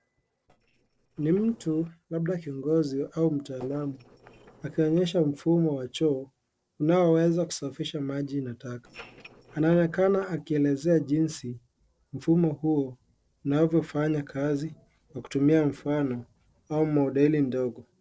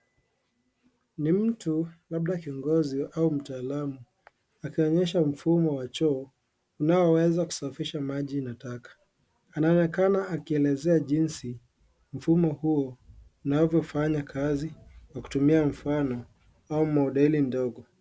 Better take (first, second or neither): second